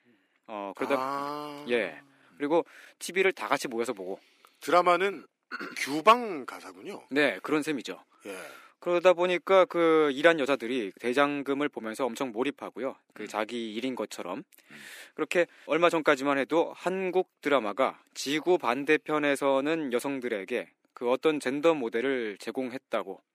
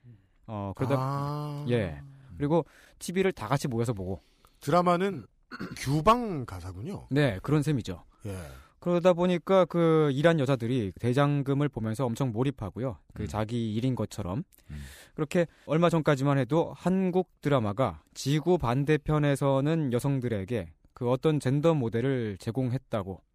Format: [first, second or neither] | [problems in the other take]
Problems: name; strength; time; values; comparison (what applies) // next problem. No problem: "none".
second | thin; somewhat; fading below 300 Hz